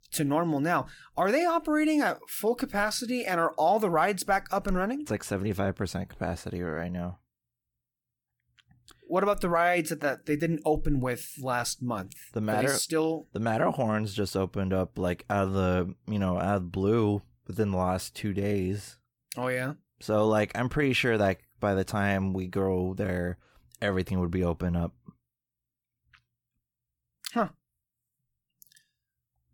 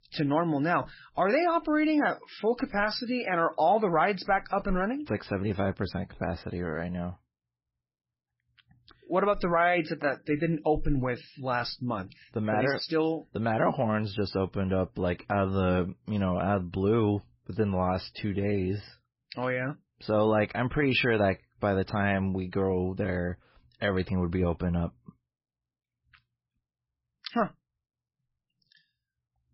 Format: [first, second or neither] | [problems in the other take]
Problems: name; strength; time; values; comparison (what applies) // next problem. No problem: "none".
first | garbled, watery; badly; nothing above 5.5 kHz